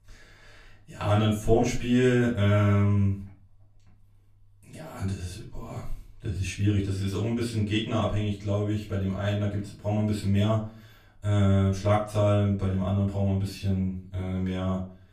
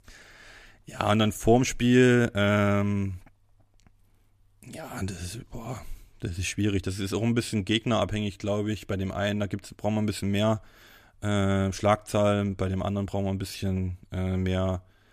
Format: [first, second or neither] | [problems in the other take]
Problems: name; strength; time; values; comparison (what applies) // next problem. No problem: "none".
second | off-mic speech; far // room echo; slight; dies away in 0.4 s